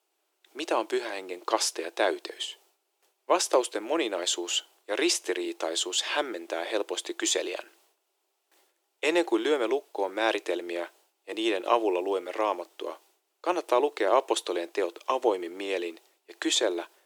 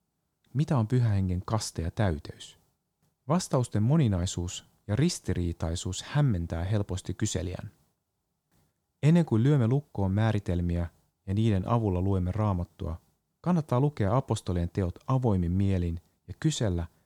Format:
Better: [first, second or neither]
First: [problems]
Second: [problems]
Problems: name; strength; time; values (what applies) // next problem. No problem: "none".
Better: second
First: thin; very; fading below 350 Hz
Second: none